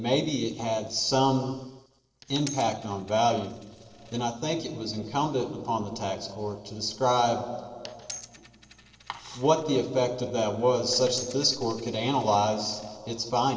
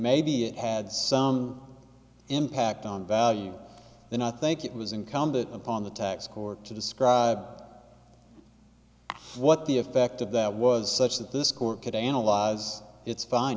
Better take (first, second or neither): second